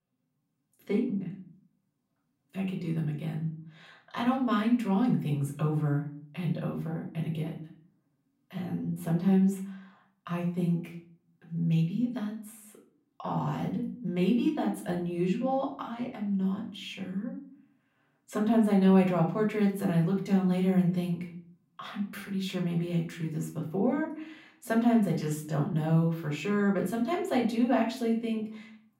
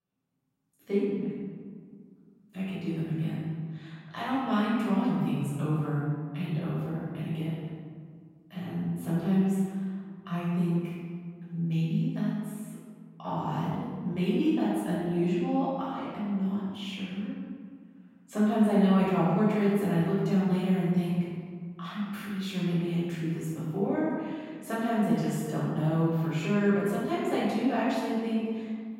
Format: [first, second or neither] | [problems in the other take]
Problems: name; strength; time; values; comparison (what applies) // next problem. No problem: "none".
first | room echo; strong; dies away in 1.6 s; slight in the first // off-mic speech; far; far in the first